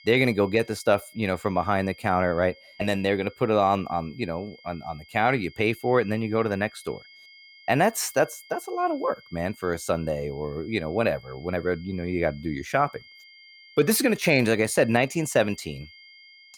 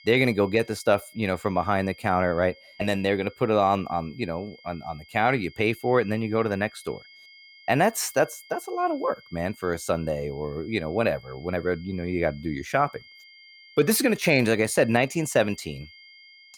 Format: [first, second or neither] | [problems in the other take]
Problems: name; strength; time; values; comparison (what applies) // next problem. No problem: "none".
neither | high-pitched whine; faint; throughout; 2 kHz, 25 dB below the speech; the same in both